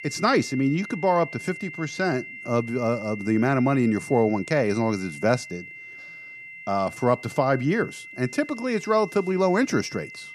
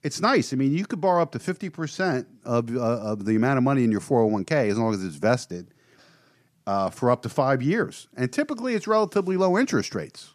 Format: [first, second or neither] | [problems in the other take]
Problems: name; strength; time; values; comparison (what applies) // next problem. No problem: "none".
second | high-pitched whine; noticeable; throughout; 2 kHz, 15 dB below the speech